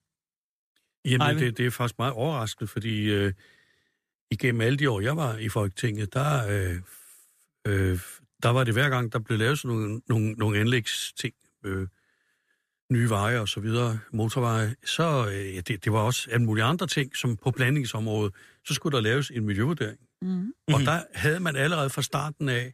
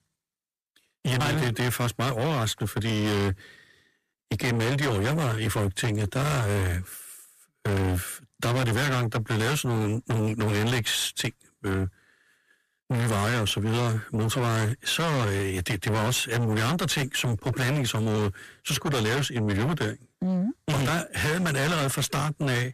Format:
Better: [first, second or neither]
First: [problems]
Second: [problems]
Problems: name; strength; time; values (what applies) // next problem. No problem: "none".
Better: first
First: none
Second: distortion; heavy; 6 dB below the speech